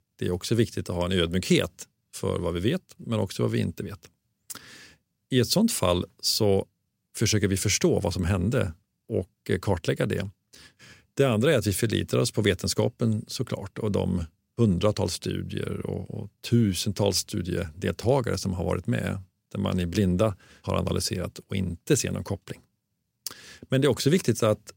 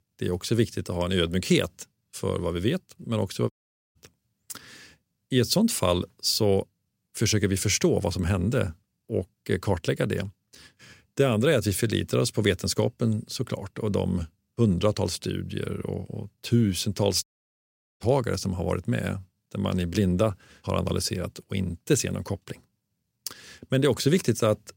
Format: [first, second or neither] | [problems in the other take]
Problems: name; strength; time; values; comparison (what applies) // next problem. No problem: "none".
first | audio cutting out; at 3.5 s and at 17 s for 1 s